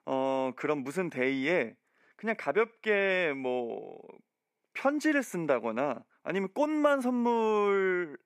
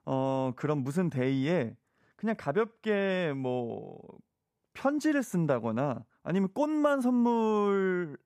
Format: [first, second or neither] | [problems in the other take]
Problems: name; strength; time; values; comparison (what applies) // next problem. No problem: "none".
second | thin; very slightly; fading below 350 Hz